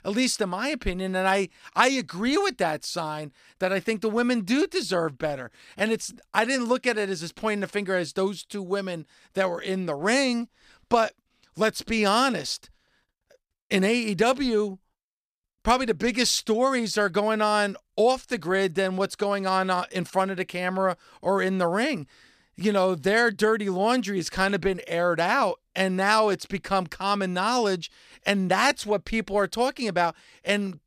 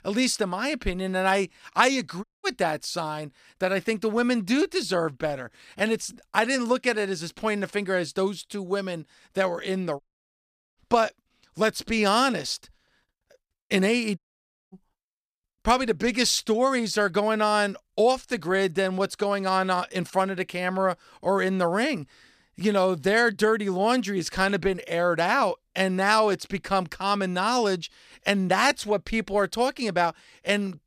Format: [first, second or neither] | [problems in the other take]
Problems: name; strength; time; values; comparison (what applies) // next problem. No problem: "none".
first | audio cutting out; at 2 s, at 10 s for 1 s and at 14 s for 0.5 s